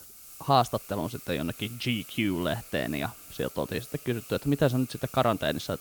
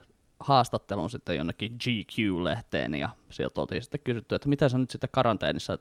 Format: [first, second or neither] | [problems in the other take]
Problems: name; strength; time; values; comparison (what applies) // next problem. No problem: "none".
second | hiss; noticeable; throughout; 15 dB below the speech